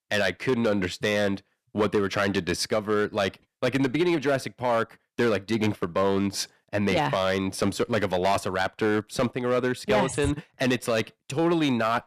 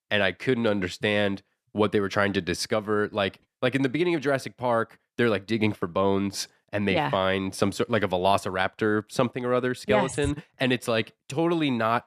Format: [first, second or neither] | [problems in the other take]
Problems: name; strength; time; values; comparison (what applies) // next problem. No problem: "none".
second | distortion; slight; 5% of the sound clipped